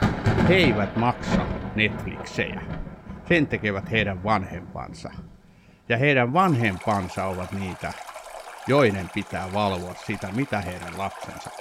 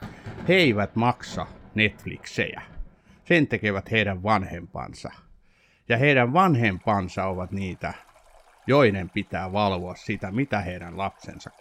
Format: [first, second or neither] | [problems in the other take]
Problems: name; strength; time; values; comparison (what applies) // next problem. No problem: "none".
second | rain or running water; loud; throughout; 8 dB below the speech; faint in the second